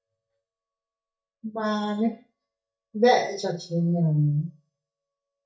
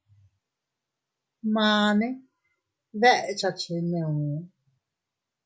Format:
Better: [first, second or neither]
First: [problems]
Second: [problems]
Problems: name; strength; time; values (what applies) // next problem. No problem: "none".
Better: second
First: noise reduction (neural mask model DeepFilterNet 3)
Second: none